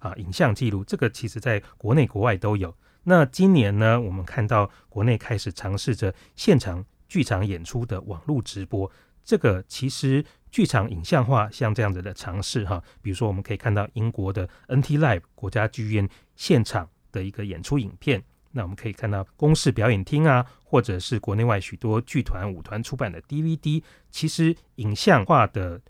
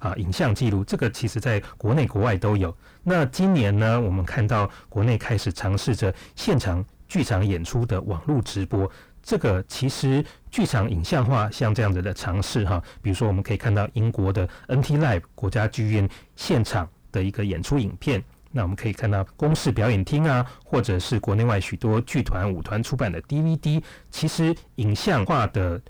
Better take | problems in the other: first | distortion; heavy; 5 dB below the speech

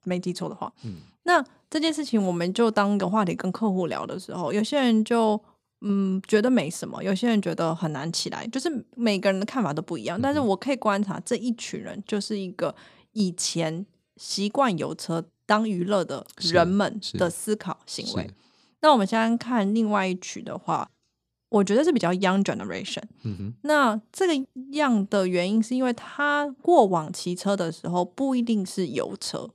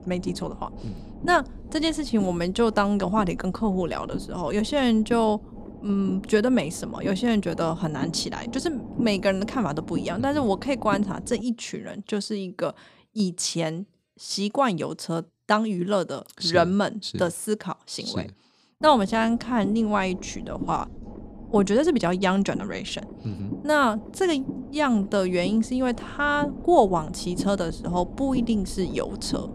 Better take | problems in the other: first | low rumble; noticeable; until 11 s and from 19 s on; 15 dB below the speech

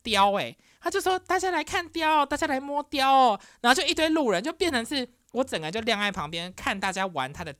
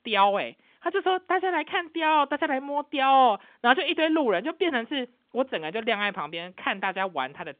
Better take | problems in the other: first | phone-call audio; nothing above 3 kHz

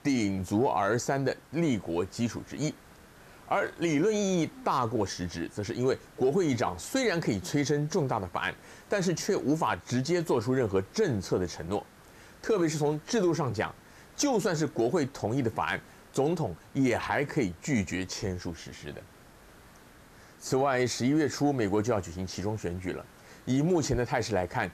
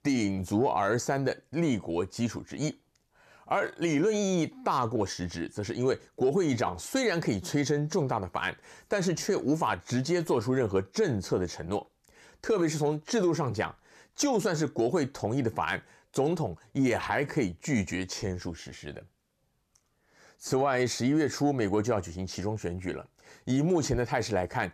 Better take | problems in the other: second | hiss; faint; throughout; 25 dB below the speech

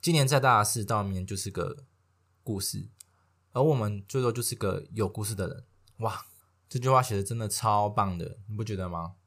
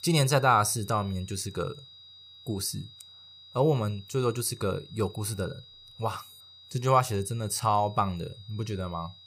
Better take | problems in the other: first | high-pitched whine; faint; throughout; 4 kHz, 20 dB below the speech

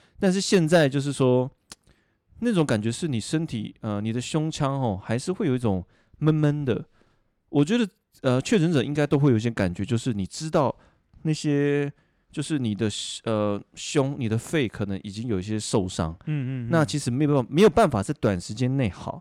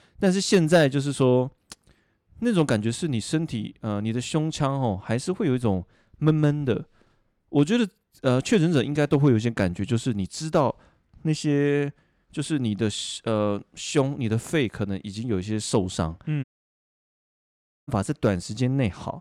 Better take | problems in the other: first | audio cutting out; at 16 s for 1.5 s

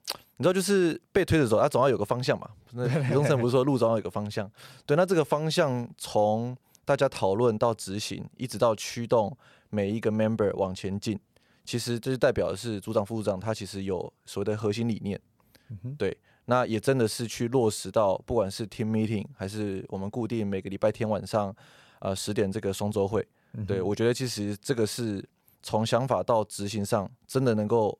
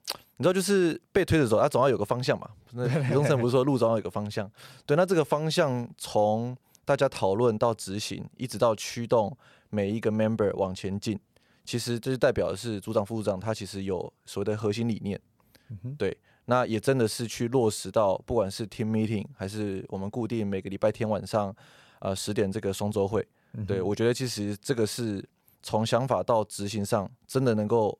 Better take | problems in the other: neither | none

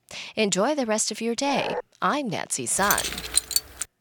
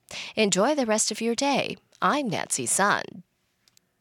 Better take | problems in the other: second | dog barking; noticeable; at 1.5 s; peak 6 dB below the speech // jangling keys; loud; from 3 s on; peak 3 dB above the speech

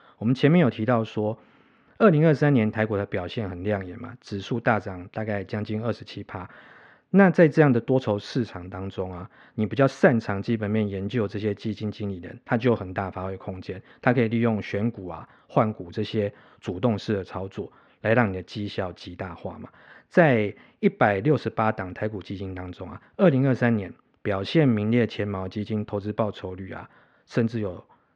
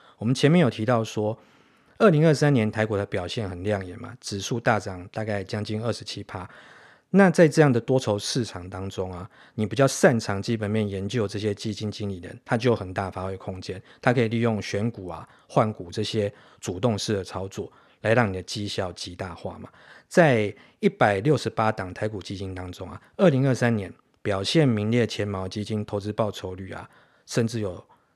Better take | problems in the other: second | muffled; slightly; fading above 2.5 kHz

